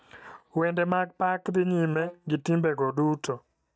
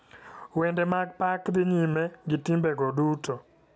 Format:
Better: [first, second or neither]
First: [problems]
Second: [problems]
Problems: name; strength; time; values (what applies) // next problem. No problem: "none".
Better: second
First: noise reduction (neural mask model DeepFilterNet 3)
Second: none